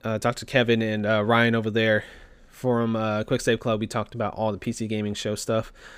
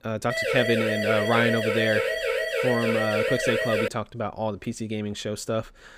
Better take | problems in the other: first | siren; loud; until 4 s; peak 2 dB above the speech

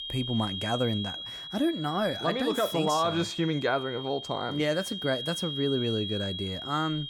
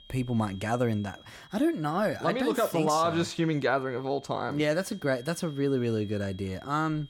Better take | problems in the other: second | high-pitched whine; loud; throughout; 3.5 kHz, 6 dB below the speech; faint in the second

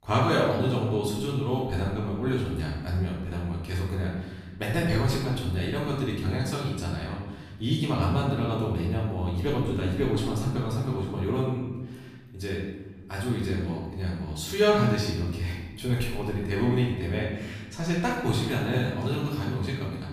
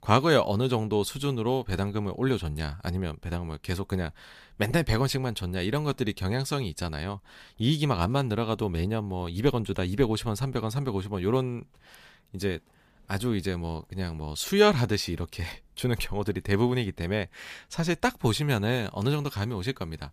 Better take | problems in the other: second | room echo; noticeable; dies away in 1.1 s // off-mic speech; far

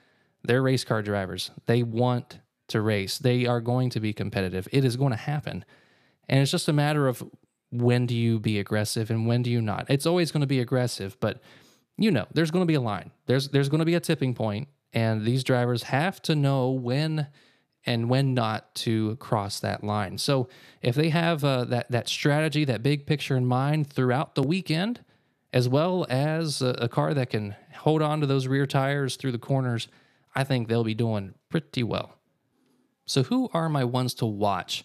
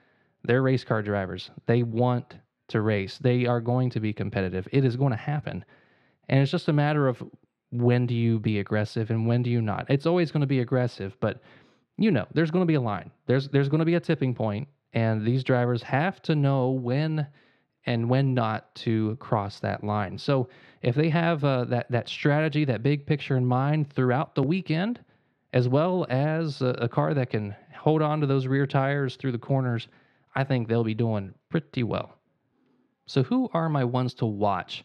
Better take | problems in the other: first | muffled; slightly; fading above 2.5 kHz

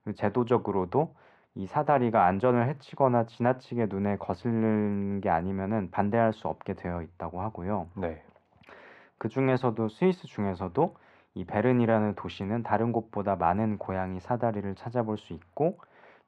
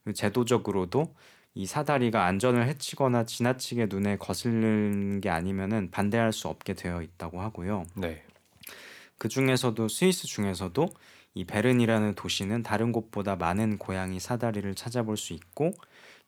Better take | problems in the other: second | muffled; very; fading above 1.5 kHz

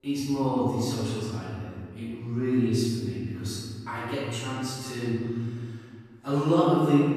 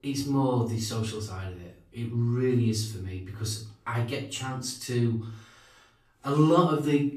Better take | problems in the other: second | room echo; strong; dies away in 1.9 s; slight in the second // off-mic speech; far; far in the second

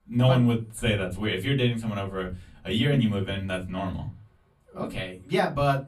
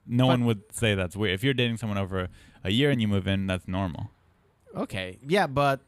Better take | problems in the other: second | off-mic speech; far // room echo; very slight; dies away in 0.2 s

